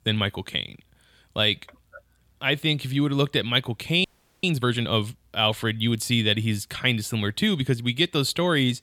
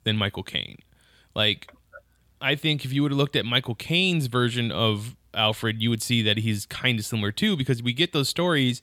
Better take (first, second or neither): second